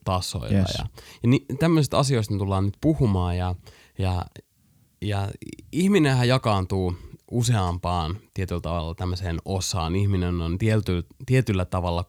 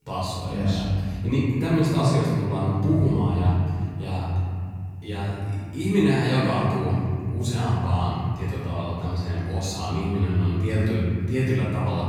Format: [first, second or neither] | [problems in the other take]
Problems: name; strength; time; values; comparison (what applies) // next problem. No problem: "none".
first | room echo; strong; dies away in 2.7 s // off-mic speech; far